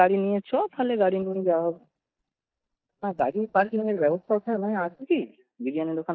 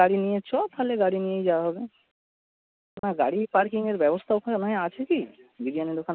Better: second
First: noise reduction (neural mask model DeepFilterNet 3)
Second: none

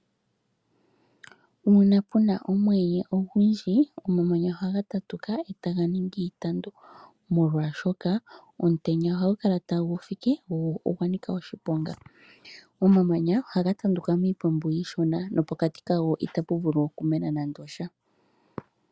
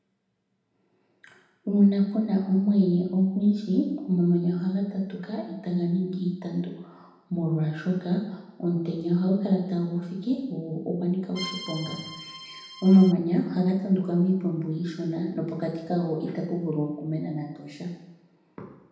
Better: first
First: none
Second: background sound (Accordion); 13 dB below the speech // room echo; dies away in 0.9 s

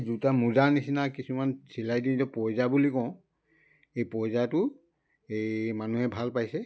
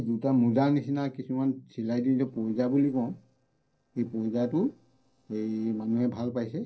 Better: first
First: none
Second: noise reduction (neural separator model SepFormer DNS4)

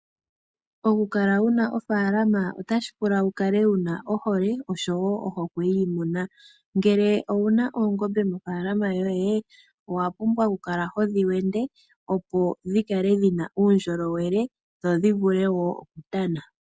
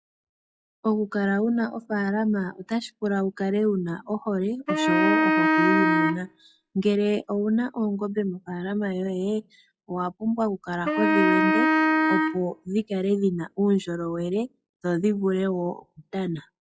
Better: first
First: none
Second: noise reduction (classical method log-MMSE)

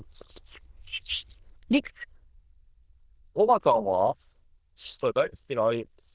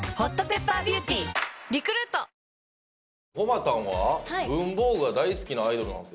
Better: second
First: noise reduction (neural diffusion model UNIVERSE++)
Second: none

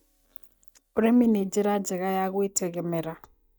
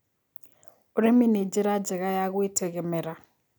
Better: second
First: noise reduction (neural mask model DeepFilterNet 3)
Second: none

